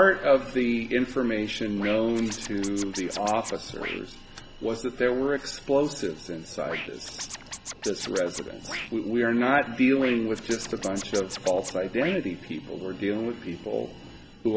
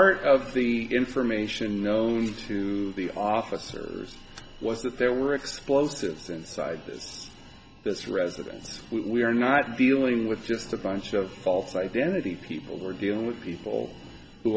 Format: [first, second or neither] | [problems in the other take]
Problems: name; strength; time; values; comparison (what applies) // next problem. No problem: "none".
second | background sound (Scratching (performance technique)); 12 dB below the speech